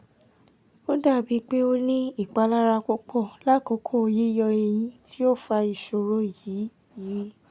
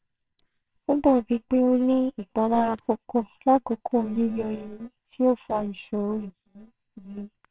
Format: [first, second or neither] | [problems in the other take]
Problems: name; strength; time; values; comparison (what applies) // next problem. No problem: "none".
first | noise reduction (neural separator model SepFormer WHAMR!)